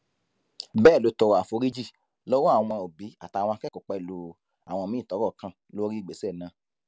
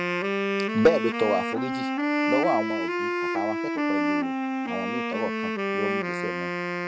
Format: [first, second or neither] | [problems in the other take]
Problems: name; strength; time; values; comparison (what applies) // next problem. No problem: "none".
first | background sound (Wind instrument, woodwind instrument); 2 dB above the speech